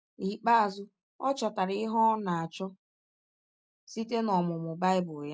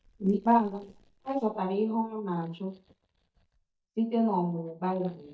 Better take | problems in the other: first | noise reduction (neural mask model DeepFilterNet 3)

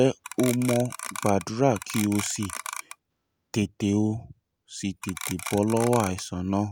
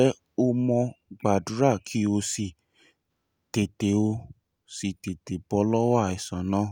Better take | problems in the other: second | background sound (Clock); 10 dB below the speech

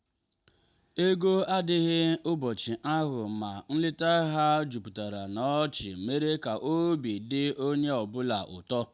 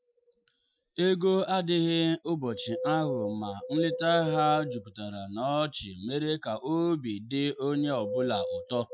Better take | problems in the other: first | noise reduction (classical method Wiener filter)

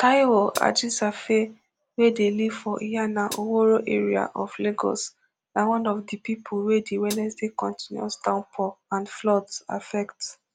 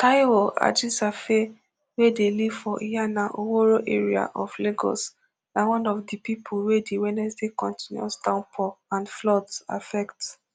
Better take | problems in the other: second | background sound (Hi-hat); 18 dB below the speech

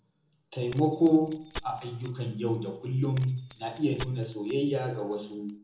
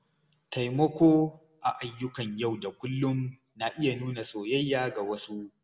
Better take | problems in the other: second | background sound (Keys jangling); 18 dB below the speech // room echo; dies away in 1 s

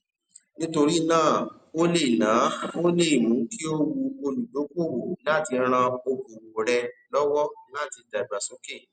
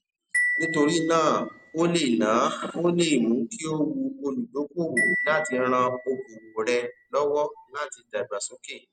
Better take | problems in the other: first | background sound (Marimba, xylophone); 8 dB below the speech

